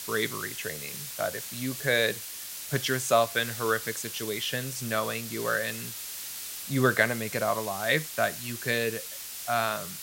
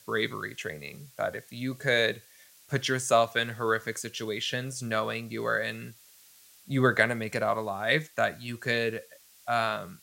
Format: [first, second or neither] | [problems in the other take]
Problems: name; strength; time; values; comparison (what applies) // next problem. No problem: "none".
second | hiss; loud; throughout; 7 dB below the speech; faint in the second